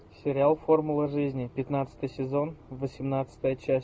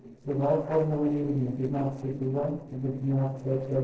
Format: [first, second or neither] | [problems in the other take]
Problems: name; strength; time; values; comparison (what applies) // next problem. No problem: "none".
first | noise reduction (neural separator model SepFormer DNS4)